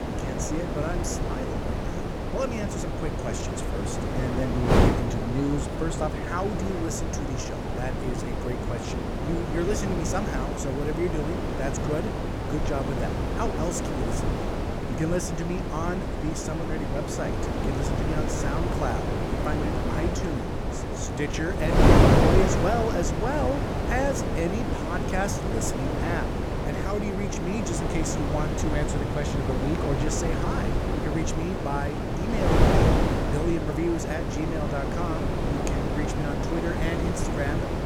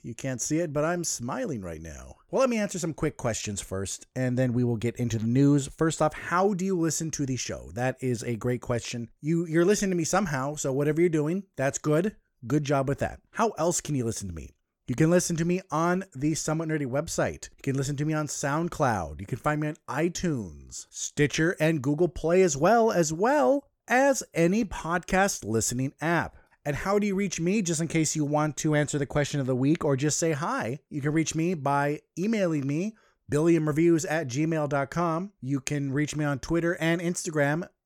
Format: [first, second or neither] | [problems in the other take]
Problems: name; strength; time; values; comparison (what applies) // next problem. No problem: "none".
second | wind noise on the microphone; heavy; 3 dB above the speech